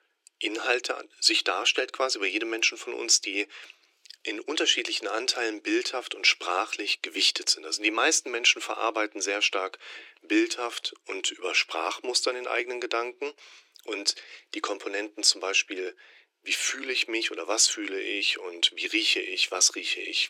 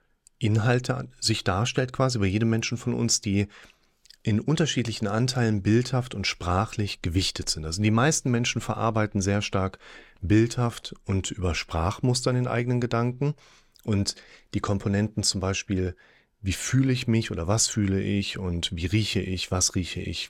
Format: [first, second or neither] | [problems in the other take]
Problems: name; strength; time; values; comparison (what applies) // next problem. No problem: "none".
second | thin; very; fading below 300 Hz